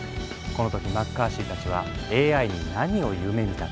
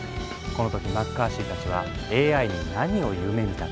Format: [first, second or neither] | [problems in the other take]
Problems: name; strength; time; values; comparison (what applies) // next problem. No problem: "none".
first | background sound (Wind instrument, woodwind instrument); 13 dB below the speech